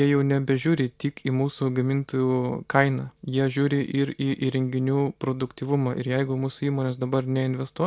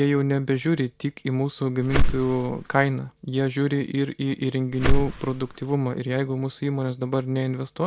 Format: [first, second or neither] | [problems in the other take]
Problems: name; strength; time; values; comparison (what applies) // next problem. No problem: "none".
first | background sound (Whoosh, swoosh, swish); 4 dB above the speech